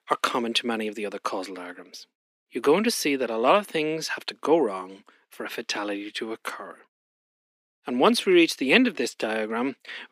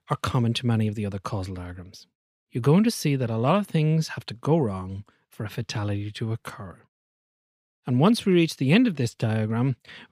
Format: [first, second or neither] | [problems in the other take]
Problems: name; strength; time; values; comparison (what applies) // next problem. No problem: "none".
second | thin; somewhat; fading below 250 Hz